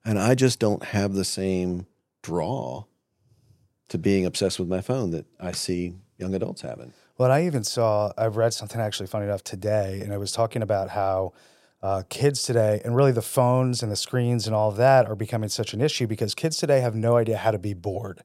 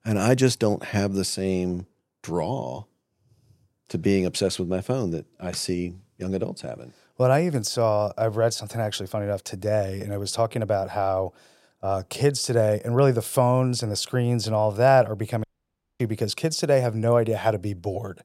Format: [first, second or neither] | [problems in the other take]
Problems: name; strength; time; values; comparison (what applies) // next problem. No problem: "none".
first | audio cutting out; at 15 s for 0.5 s